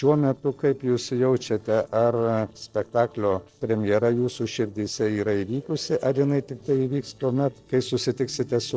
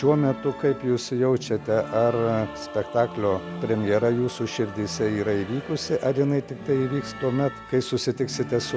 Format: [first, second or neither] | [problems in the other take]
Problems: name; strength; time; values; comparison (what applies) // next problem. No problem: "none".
second | noise reduction (neural separator model SepFormer DNS4)